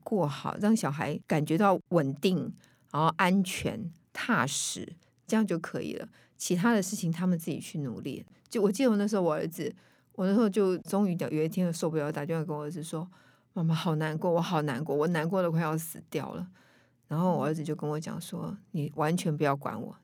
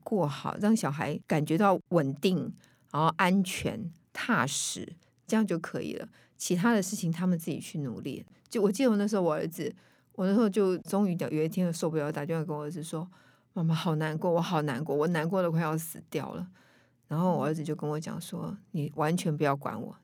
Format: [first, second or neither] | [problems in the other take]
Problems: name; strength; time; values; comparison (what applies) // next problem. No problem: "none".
neither | none